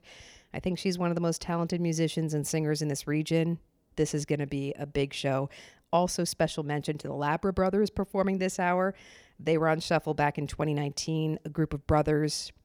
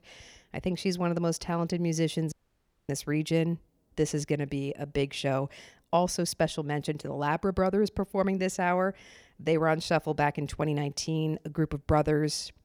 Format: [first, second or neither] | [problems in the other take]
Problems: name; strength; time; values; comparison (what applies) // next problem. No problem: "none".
first | audio cutting out; at 2.5 s for 0.5 s